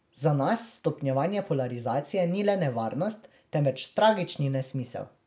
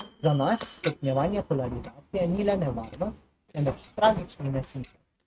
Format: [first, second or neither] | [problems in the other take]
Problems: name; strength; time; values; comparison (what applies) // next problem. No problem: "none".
first | noise reduction (neural mask model RNNoise)